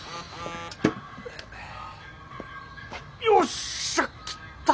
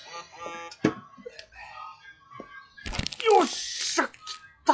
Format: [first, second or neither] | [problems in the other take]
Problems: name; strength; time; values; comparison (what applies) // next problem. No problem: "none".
first | noise reduction (classical method log-MMSE)